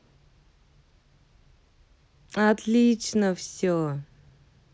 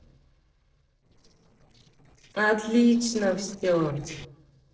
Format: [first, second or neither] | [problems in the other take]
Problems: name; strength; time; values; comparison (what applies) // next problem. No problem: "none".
first | noise reduction (neural separator model SepFormer DNS4)